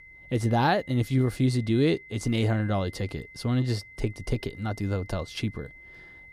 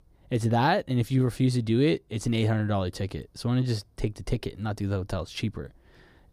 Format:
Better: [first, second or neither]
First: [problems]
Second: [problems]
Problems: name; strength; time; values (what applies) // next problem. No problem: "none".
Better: second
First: high-pitched whine; noticeable; throughout; 2 kHz, 20 dB below the speech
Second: none